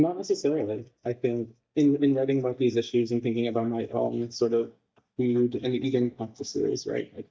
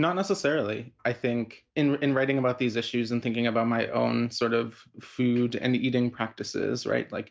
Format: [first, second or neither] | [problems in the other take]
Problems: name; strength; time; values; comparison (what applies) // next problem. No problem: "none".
second | noise reduction (neural mask model DeepFilterNet 3)